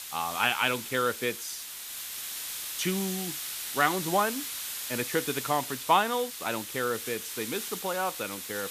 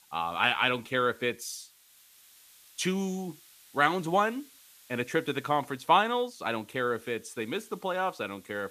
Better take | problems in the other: second | hiss; loud; throughout; 5 dB below the speech; faint in the second

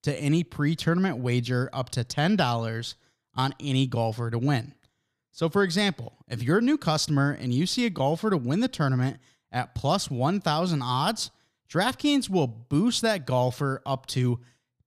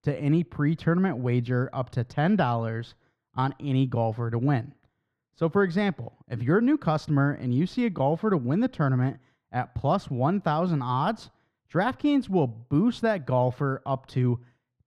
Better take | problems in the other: first | muffled; very; fading above 3.5 kHz

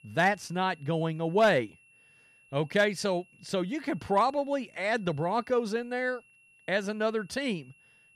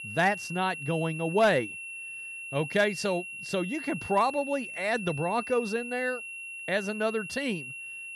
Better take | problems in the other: first | high-pitched whine; loud; throughout; 2.5 kHz, 8 dB below the speech; faint in the first

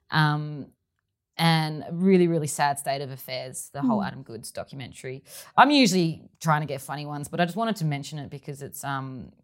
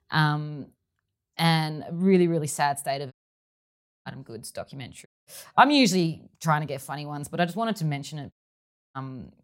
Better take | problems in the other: first | audio cutting out; at 3 s for 1 s, at 5 s and at 8.5 s for 0.5 s

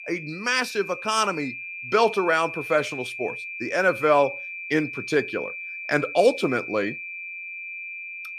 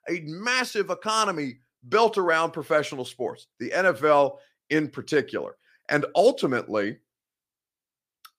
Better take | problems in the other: second | high-pitched whine; loud; throughout; 2.5 kHz, 9 dB below the speech

